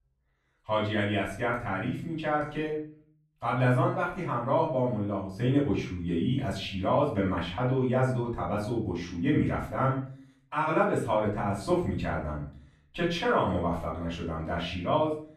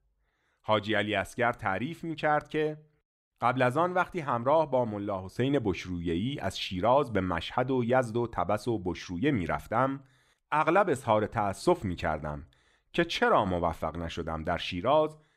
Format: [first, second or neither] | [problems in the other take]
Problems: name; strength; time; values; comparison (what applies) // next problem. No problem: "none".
second | room echo; noticeable; dies away in 0.5 s // off-mic speech; far